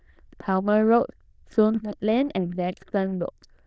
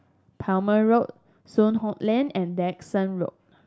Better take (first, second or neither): second